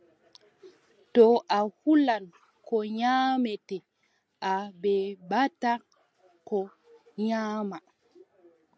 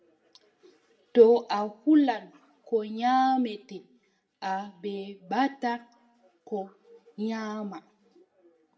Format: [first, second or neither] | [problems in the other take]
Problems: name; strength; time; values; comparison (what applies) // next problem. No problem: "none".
first | room echo; dies away in 0.4 s